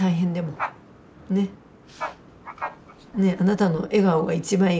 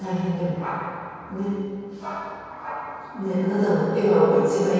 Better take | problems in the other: first | room echo; dies away in 2.2 s

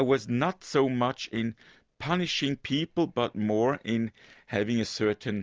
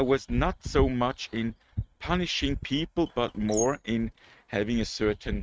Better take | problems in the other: first | noise reduction (neural mask model RNNoise)

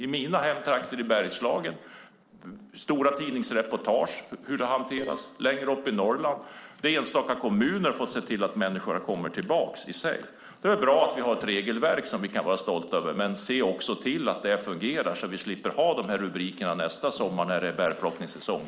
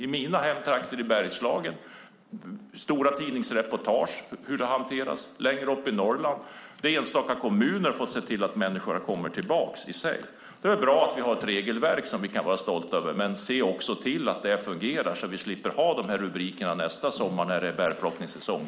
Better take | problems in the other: second | noise reduction (neural separator model SepFormer DNS4)

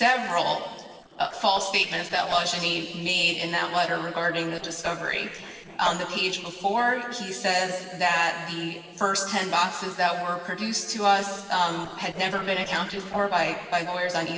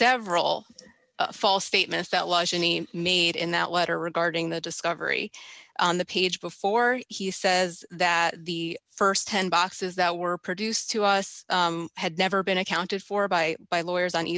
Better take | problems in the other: second | noise reduction (neural separator model SepFormer DNS4)

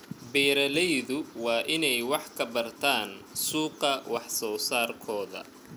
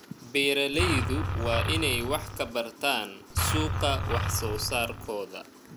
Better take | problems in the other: first | background sound (Engine); as loud as the speech

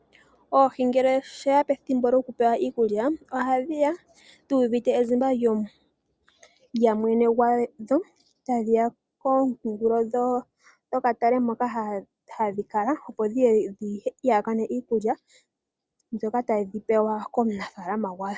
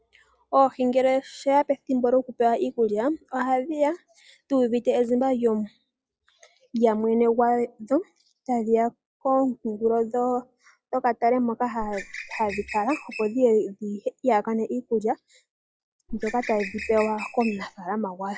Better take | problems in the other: first | noise reduction (classical method log-MMSE)

